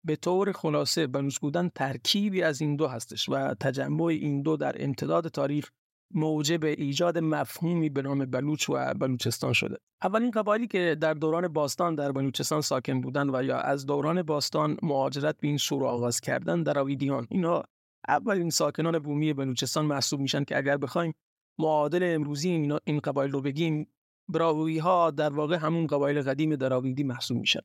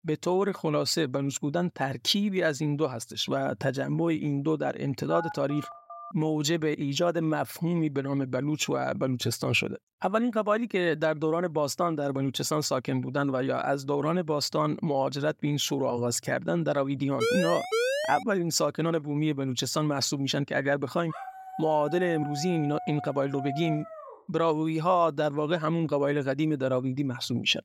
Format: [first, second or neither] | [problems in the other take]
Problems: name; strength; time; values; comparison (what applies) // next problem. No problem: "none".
first | phone ringing; noticeable; from 5 to 6 s; peak 10 dB below the speech // siren; loud; from 17 to 18 s; peak 1 dB above the speech // dog barking; noticeable; from 21 to 24 s; peak 8 dB below the speech